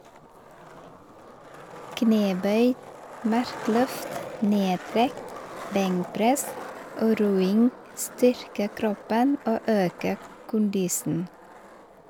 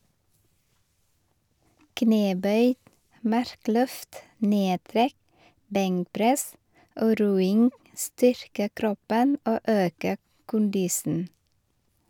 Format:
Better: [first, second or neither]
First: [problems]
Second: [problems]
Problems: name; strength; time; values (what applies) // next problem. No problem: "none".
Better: second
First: background sound (Skateboard); 14 dB below the speech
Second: none